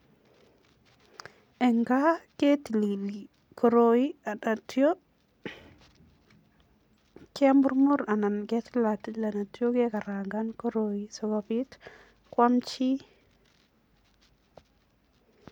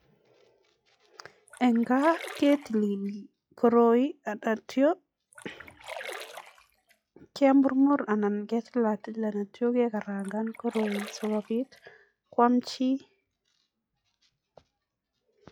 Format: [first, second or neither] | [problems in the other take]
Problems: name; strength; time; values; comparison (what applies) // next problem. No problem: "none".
first | noise reduction (classical method log-MMSE)